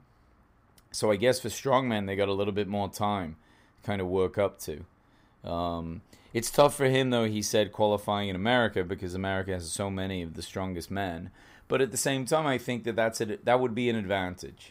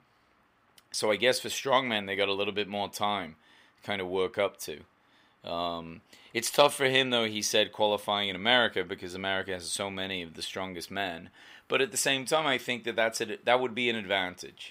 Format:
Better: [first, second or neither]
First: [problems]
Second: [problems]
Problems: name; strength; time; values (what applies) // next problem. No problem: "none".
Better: first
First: none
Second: thin; very slightly; fading below 350 Hz